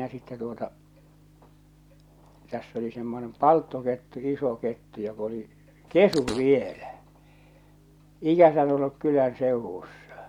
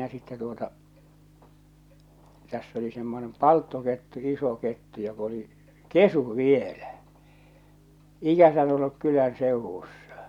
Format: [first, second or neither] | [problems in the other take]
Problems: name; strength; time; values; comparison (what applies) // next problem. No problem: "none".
second | background sound (Fart); 12 dB below the speech